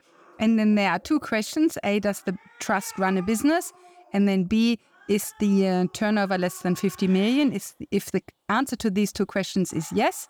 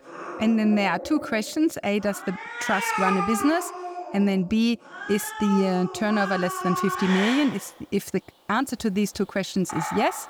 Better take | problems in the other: first | animal sounds; loud; throughout; 6 dB below the speech; faint in the first

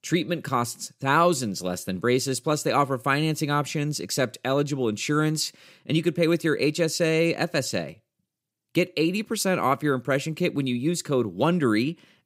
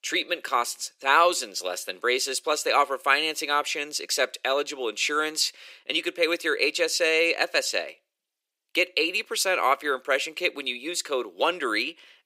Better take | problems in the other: first | thin; very; fading below 400 Hz

